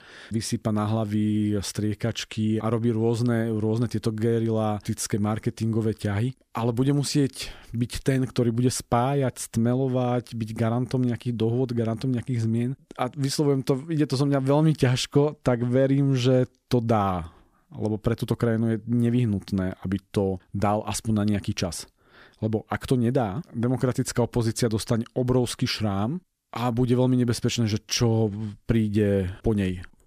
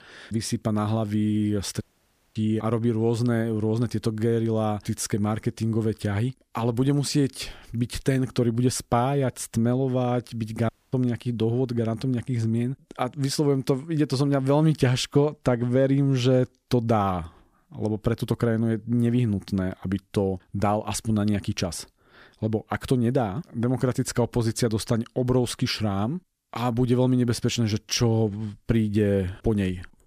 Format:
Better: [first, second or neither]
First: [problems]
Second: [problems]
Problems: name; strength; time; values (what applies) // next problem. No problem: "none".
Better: first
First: none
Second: audio cutting out; at 2 s for 0.5 s and at 11 s